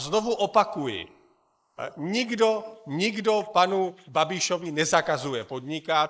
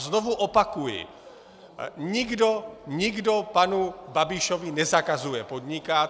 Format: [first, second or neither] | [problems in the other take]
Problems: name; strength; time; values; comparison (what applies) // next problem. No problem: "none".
second | noise reduction (neural mask model Resemble Enhance denoiser)